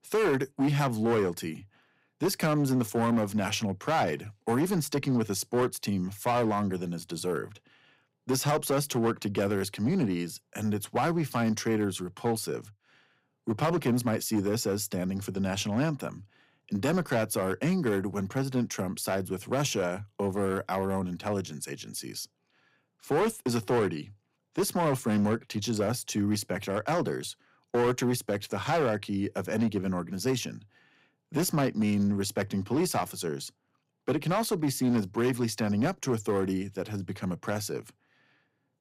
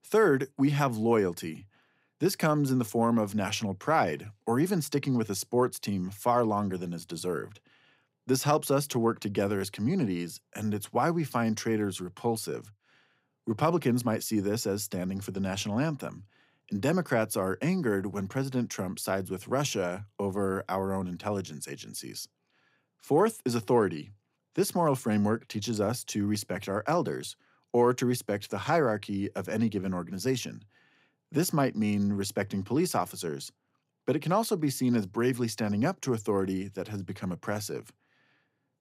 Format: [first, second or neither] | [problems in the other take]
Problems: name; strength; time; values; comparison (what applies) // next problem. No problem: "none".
second | distortion; slight; 6% of the sound clipped